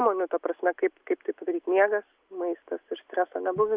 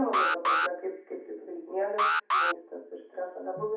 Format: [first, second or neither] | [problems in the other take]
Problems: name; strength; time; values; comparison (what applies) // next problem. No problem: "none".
first | background sound (Alarm); 4 dB above the speech // room echo; dies away in 0.7 s